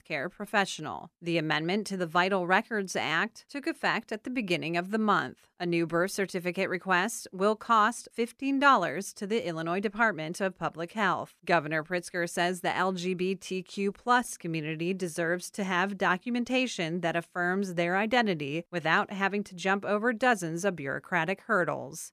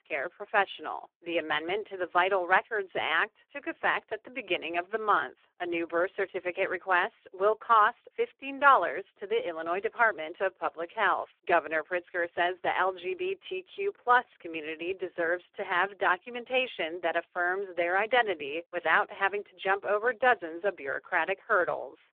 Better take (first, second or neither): first